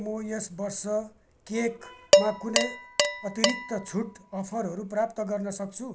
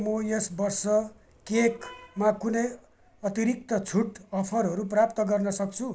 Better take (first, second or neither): second